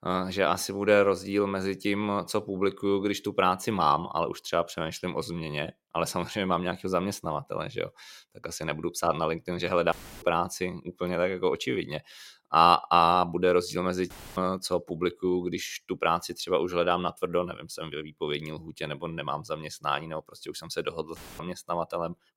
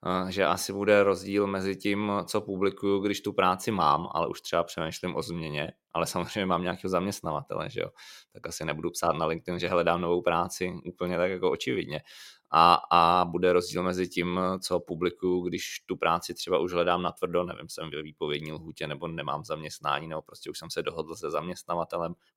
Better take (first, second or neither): second